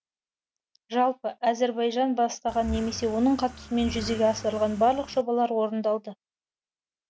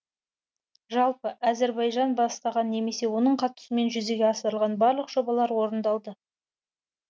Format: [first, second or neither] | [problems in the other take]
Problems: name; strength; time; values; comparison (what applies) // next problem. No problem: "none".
second | background sound (Accelerating, revving, vroom / Car); 13 dB below the speech